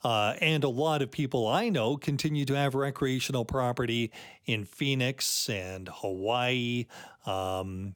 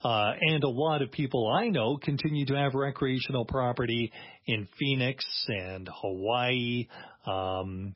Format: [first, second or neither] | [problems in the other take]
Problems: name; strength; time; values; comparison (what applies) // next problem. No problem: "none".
first | garbled, watery; badly; nothing above 5.5 kHz